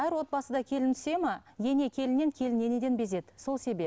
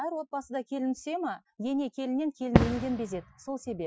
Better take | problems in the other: first | noise reduction (classical method Wiener filter)

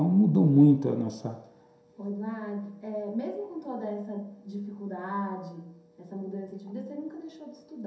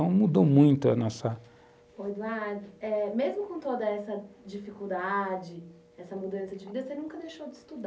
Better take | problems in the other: second | room echo; dies away in 0.7 s

